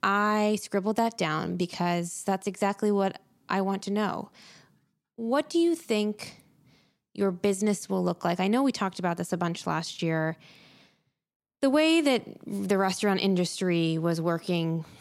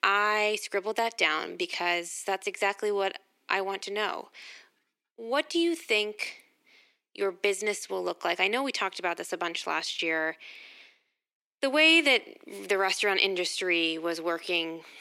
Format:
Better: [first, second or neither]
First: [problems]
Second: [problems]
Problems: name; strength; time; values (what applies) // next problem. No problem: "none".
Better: first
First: none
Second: thin; somewhat; fading below 350 Hz